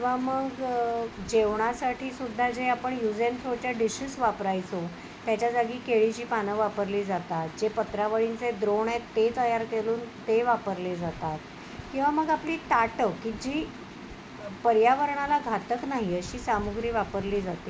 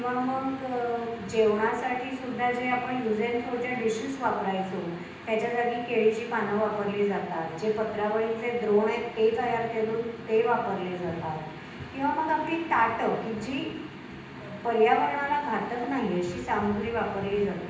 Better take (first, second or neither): first